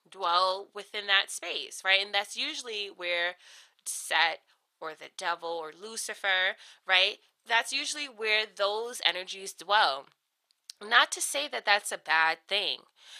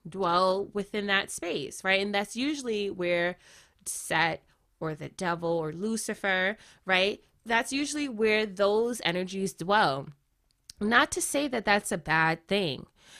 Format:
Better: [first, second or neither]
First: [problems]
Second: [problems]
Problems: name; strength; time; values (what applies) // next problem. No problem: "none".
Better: second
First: thin; very; fading below 750 Hz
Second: none